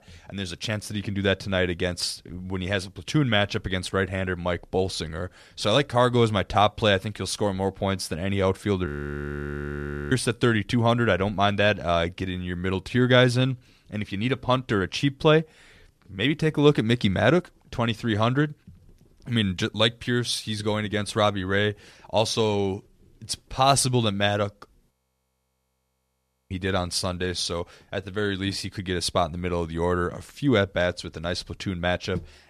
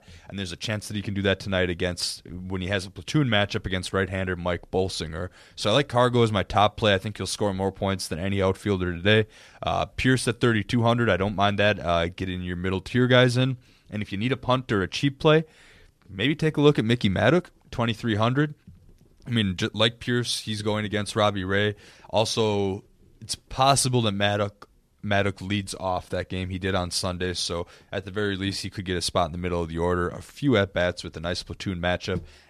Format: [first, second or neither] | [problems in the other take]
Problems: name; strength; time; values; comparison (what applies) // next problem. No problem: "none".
second | audio freezing; at 9 s for 1 s and at 25 s for 1.5 s